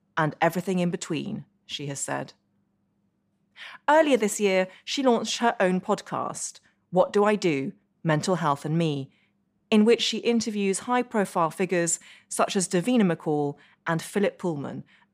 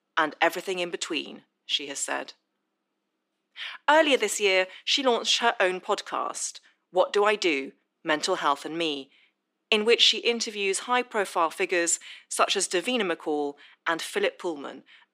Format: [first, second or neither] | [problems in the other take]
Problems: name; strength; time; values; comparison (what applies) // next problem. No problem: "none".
first | thin; somewhat; fading below 300 Hz